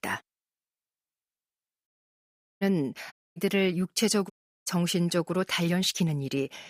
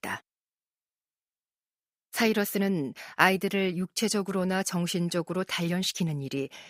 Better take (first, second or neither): second